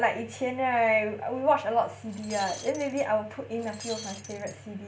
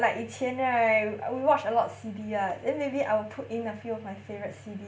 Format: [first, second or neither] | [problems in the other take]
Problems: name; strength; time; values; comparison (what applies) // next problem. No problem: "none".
second | background sound (Shatter); 15 dB below the speech